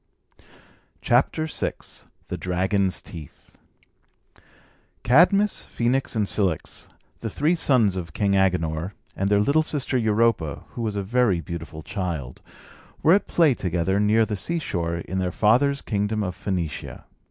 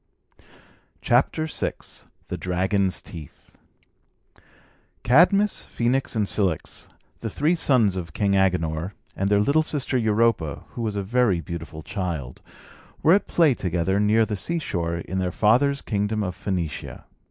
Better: first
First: none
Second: noise reduction (neural mask model Resemble Enhance denoiser)

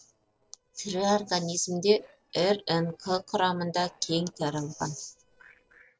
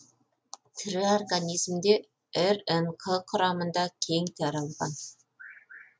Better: second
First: noise reduction (neural separator model SepFormer DNS4)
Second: none

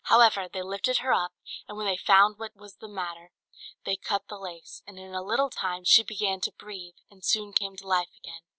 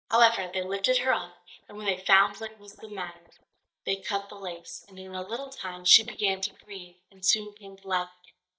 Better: first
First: none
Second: noise reduction (neural mask model DeepFilterNet 3)

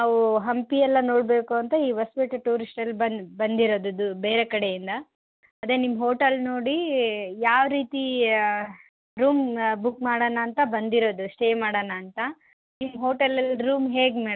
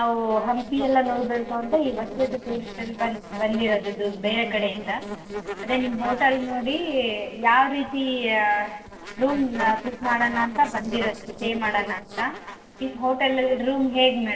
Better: first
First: none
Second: noise reduction (neural separator model SepFormer DNS4)

